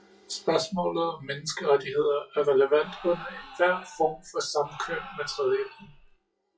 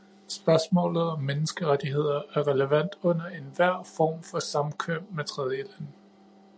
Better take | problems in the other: second | noise reduction (classical method WPE with log-MMSE)

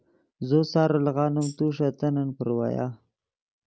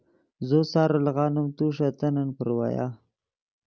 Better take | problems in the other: second | background sound (Tambourine); 18 dB below the speech

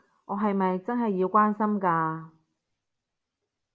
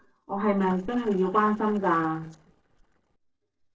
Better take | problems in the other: first | noise reduction (neural separator model SepFormer DNS4)

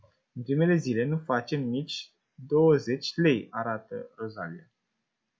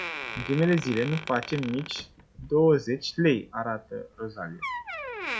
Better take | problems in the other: first | background sound (Door); 11 dB below the speech

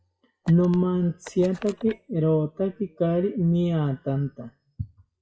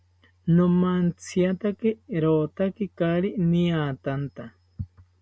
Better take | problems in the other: second | noise reduction (classical method WPE with log-MMSE)

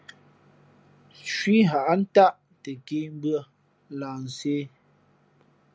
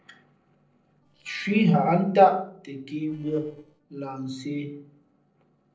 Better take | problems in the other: first | noise reduction (neural separator model SepFormer DNS4)

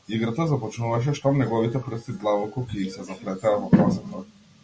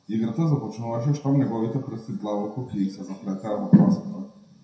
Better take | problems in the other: first | room echo; dies away in 0.5 s

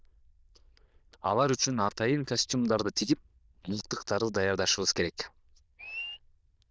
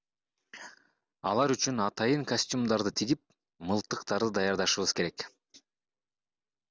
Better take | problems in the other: second | noise reduction (neural diffusion model UNIVERSE++)

